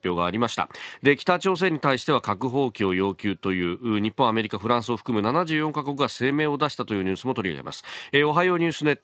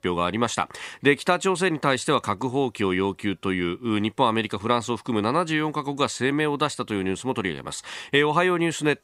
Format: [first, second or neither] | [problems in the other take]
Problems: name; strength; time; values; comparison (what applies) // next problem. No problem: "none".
second | garbled, watery; slightly; nothing above 7.5 kHz